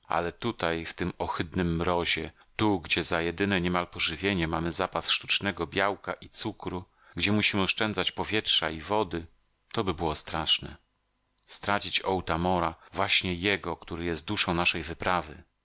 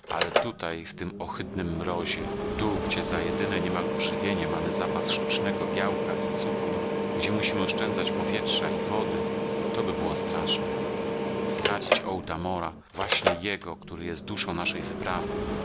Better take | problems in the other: first | background sound (Mechanical fan); 3 dB above the speech

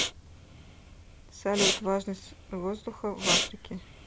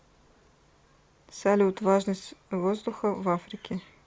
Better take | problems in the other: second | background sound (Respiratory sounds); 1 dB above the speech

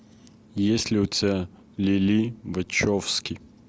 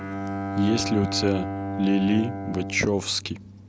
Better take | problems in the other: first | background sound (Bowed string instrument); 5 dB below the speech

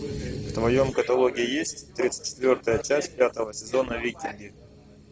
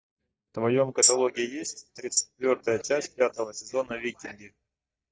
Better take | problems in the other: first | noise reduction (neural mask model DeepFilterNet 3)

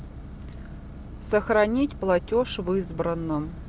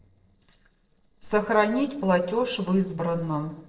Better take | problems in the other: first | noise reduction (neural separator model SepFormer DNS4)

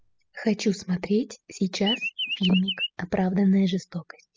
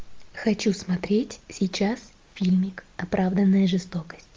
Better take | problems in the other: second | noise reduction (classical method spectral subtraction)

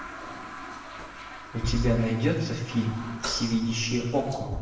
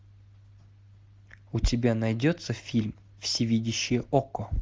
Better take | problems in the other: second | background sound (Toilet flush); 12 dB below the speech // room echo; dies away in 0.9 s

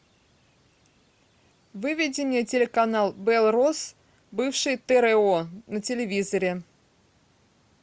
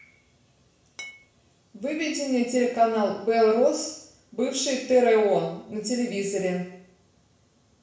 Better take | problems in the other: first | background sound (Glass); 16 dB below the speech // room echo; dies away in 0.7 s

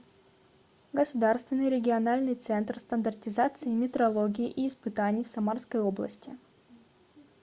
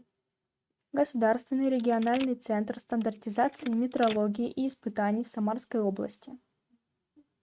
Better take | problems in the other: first | noise reduction (neural mask model RNNoise)

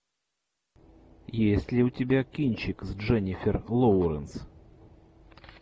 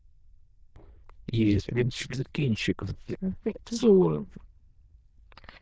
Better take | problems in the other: first | noise reduction (neural diffusion model UNIVERSE++)

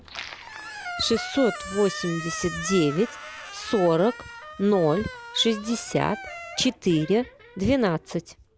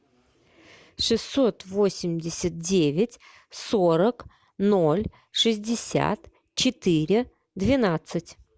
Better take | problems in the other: second | background sound (Squeak); 12 dB below the speech

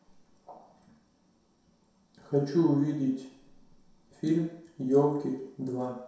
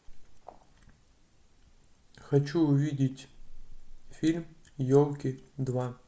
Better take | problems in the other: second | room echo; dies away in 0.7 s

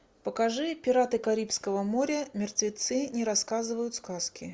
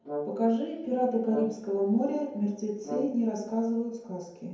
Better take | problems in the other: first | background sound (Brass instrument); 11 dB below the speech // room echo; dies away in 0.9 s

